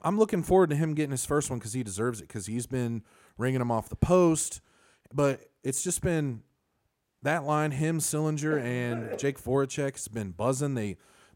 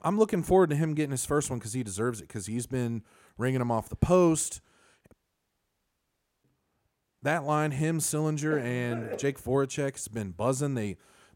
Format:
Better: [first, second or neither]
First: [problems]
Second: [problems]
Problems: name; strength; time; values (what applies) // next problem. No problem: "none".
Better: first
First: none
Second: audio cutting out; at 5 s for 1.5 s